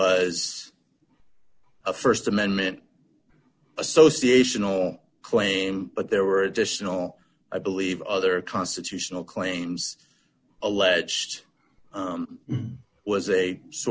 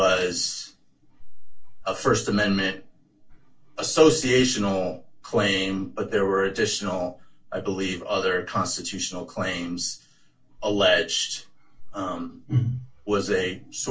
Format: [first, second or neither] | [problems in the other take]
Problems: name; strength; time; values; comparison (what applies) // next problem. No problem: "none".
first | room echo; dies away in 0.2 s